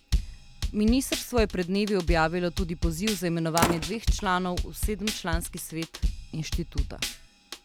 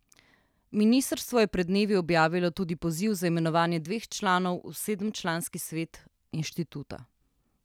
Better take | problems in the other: second | background sound (Drum kit + Slam); 2 dB below the speech

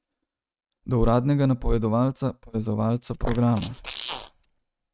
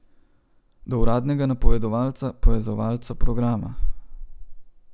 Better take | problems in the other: second | noise reduction (neural mask model RNNoise)

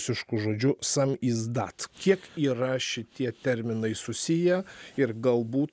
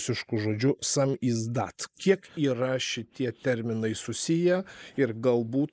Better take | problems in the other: first | noise reduction (neural mask model Resemble Enhance denoiser)

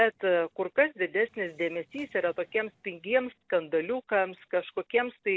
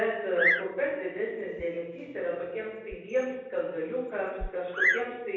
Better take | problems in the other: first | background sound (Bird vocalization, bird call, bird song); 2 dB below the speech // room echo; dies away in 1.1 s

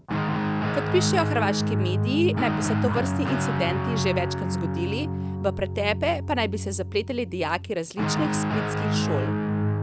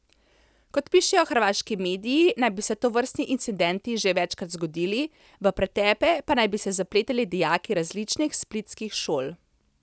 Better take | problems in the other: second | background sound (Guitar); 2 dB above the speech

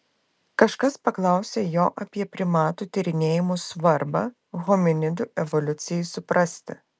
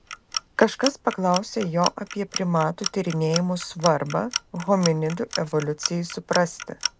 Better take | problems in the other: first | background sound (Clock); 9 dB below the speech

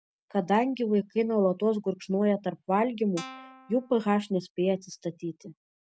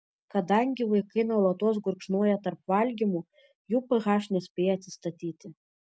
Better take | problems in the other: second | background sound (Guitar); 17 dB below the speech

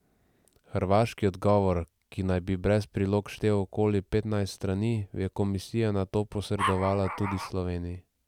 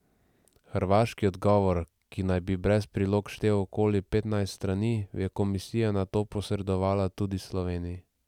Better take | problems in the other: second | background sound (Dog); 5 dB below the speech

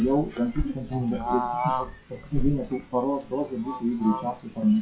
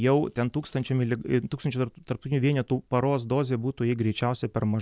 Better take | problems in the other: second | noise reduction (classical method WPE with log-MMSE)

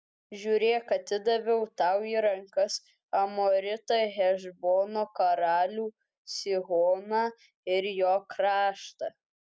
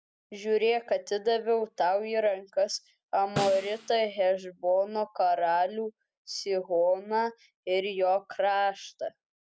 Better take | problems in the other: first | background sound (Snare drum); 12 dB below the speech

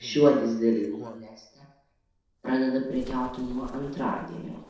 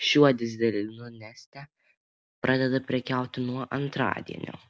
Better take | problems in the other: second | noise reduction (neural separator model SepFormer DNS4)

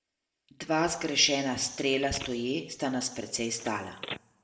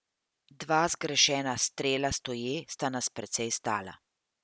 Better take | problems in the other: second | background sound (Telephone); 17 dB below the speech // room echo; dies away in 0.8 s

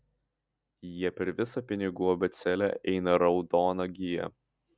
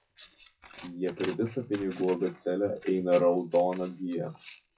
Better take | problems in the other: first | noise reduction (classical method WPE with log-MMSE)

